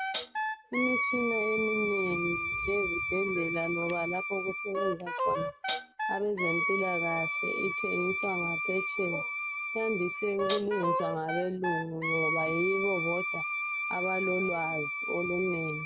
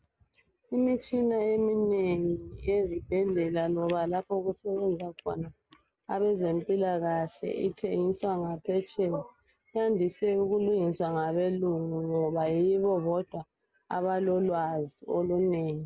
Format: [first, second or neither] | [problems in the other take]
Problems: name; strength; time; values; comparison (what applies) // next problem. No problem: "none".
second | background sound (Wind instrument, woodwind instrument + Hi-hat); as loud as the speech